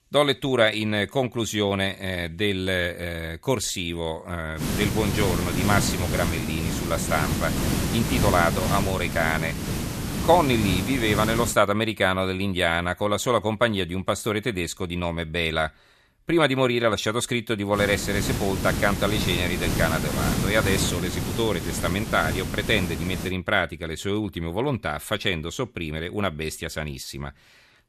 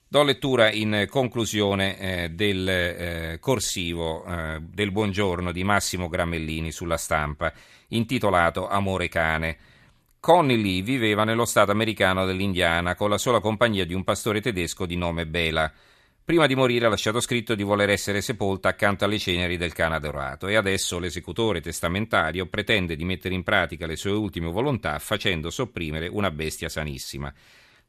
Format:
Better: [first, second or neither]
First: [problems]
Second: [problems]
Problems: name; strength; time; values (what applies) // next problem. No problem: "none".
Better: second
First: hiss; loud; from 4.5 to 12 s and from 18 to 23 s; 3 dB below the speech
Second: none